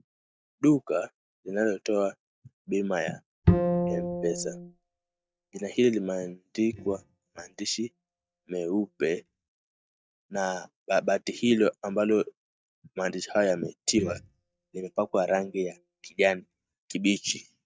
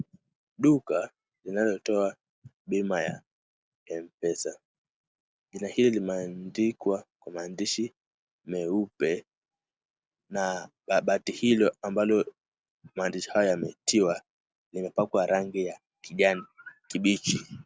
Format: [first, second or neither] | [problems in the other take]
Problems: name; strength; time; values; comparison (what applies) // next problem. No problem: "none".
second | noise reduction (neural mask model DeepFilterNet 3)